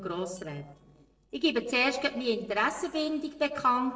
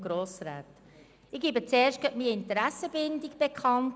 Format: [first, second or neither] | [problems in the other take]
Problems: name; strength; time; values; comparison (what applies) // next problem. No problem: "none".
second | noise reduction (neural separator model SepFormer DNS4)